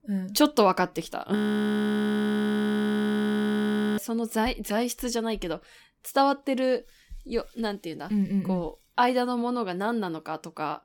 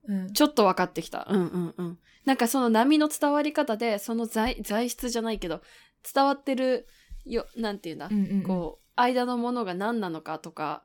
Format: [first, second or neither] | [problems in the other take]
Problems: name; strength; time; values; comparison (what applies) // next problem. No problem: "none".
second | audio freezing; at 1.5 s for 2.5 s